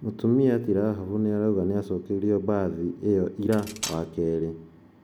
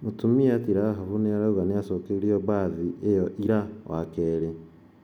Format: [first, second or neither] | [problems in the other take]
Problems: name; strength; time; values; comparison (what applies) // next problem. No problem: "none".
second | background sound (Cutlery, silverware); 14 dB below the speech